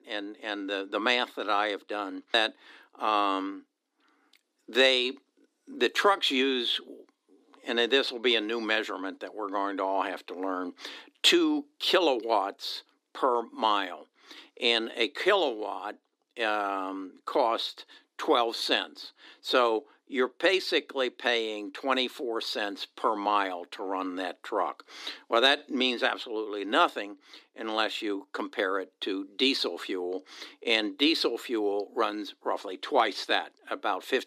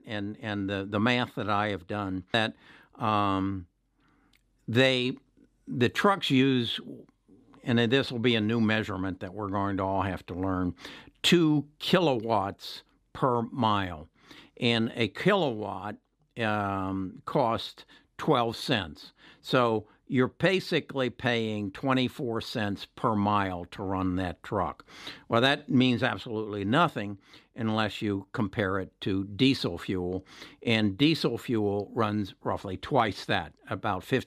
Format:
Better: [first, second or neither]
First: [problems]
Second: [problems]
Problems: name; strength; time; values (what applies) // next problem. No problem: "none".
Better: second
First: thin; somewhat; fading below 300 Hz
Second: none